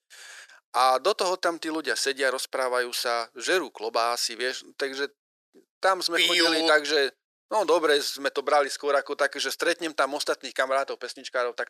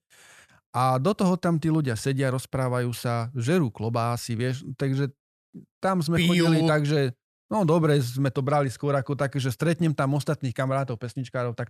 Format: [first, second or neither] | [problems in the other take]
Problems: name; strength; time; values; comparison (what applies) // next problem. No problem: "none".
second | thin; very; fading below 350 Hz